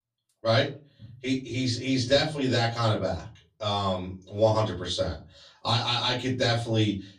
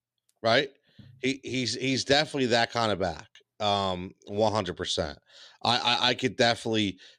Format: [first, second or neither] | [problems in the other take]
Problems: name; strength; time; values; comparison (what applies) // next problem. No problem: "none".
second | off-mic speech; far // room echo; very slight; dies away in 0.3 s